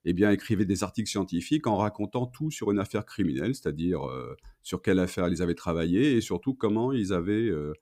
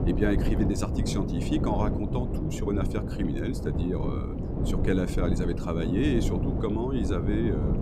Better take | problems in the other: first | wind noise on the microphone; heavy; 3 dB below the speech

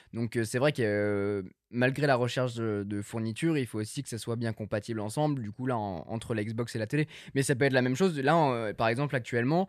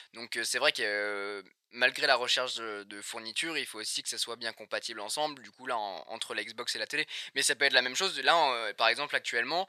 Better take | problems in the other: first | thin; very; fading below 750 Hz

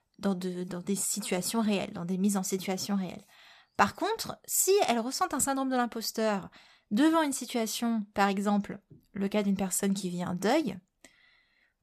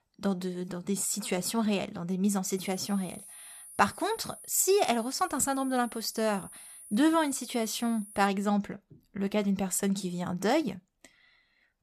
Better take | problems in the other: first | high-pitched whine; noticeable; from 2.5 to 8.5 s; 10 kHz, 15 dB below the speech

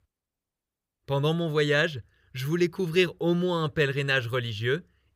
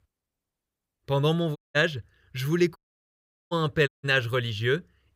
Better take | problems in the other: first | audio cutting out; at 1.5 s, at 3 s for 1 s and at 4 s

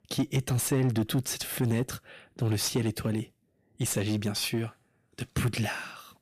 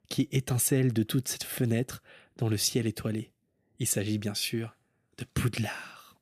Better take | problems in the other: second | distortion; slight; 10 dB below the speech

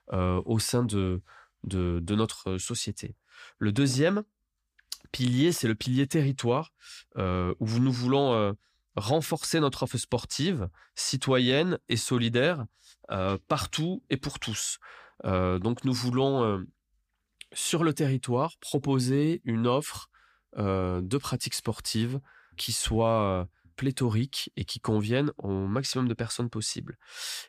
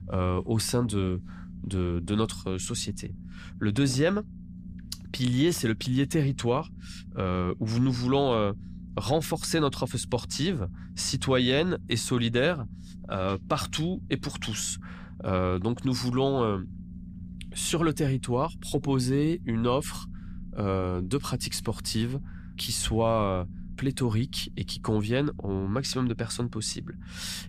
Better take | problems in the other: first | low rumble; faint; throughout; 20 dB below the speech

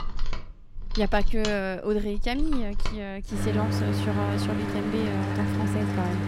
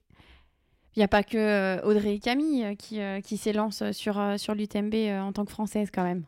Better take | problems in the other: second | machinery noise; very loud; throughout; as loud as the speech

